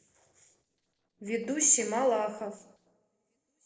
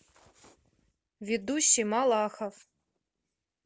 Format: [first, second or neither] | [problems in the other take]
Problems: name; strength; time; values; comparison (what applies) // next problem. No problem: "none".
second | noise reduction (neural separator model SepFormer DNS4)